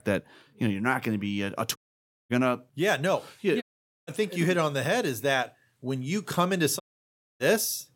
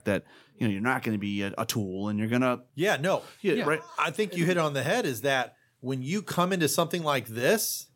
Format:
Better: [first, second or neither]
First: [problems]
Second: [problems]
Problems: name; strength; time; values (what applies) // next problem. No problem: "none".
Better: second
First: audio cutting out; at 2 s for 0.5 s, at 3.5 s and at 7 s for 0.5 s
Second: none